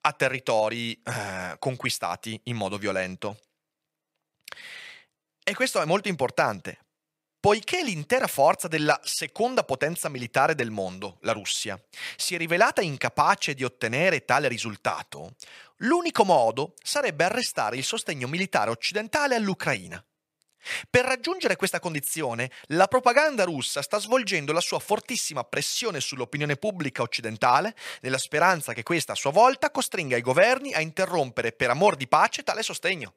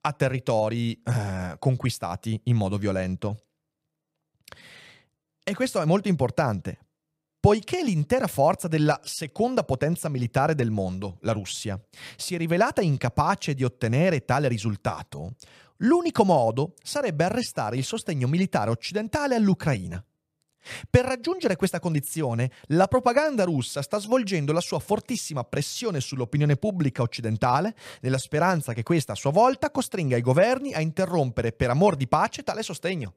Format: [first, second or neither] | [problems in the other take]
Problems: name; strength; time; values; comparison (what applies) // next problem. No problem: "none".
second | thin; somewhat; fading below 700 Hz